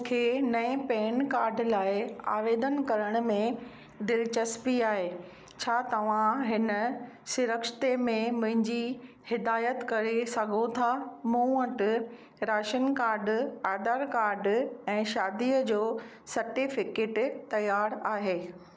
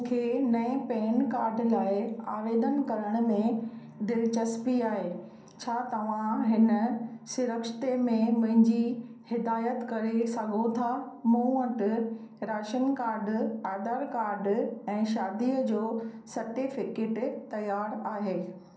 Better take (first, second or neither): first